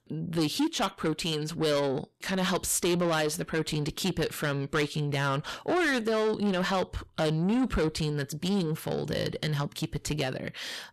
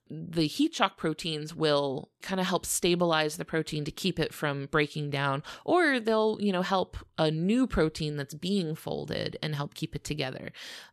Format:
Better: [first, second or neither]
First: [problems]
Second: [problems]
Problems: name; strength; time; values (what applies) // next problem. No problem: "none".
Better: second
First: distortion; heavy; 8 dB below the speech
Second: none